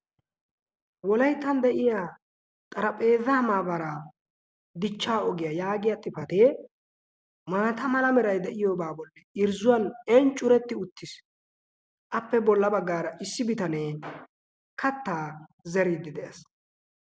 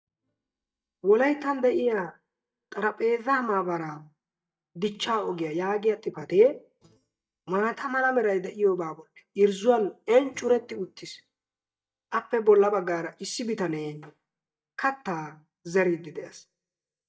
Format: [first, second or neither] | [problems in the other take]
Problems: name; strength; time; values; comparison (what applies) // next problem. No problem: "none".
first | noise reduction (neural mask model DeepFilterNet 3)